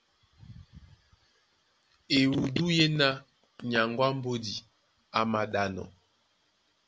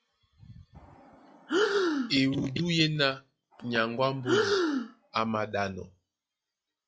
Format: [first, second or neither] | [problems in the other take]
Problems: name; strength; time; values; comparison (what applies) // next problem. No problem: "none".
first | noise reduction (classical method log-MMSE)